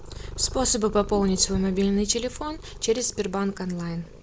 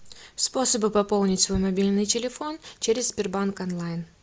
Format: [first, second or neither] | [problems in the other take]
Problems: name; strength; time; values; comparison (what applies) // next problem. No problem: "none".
second | background sound (Purr); 12 dB below the speech